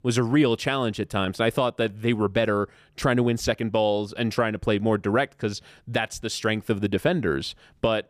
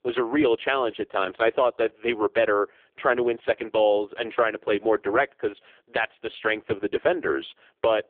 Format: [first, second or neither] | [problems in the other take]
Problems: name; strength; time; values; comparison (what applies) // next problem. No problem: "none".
first | phone-call audio; poor line